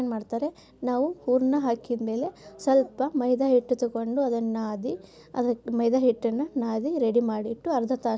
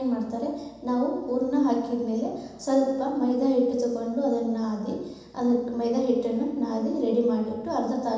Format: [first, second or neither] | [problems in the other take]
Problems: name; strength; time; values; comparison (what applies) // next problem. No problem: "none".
first | room echo; dies away in 1.1 s